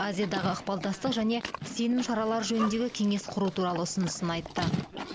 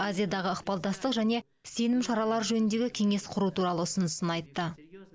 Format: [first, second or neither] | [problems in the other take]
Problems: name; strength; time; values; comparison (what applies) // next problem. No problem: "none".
second | background sound (Livestock, farm animals, working animals); 9 dB below the speech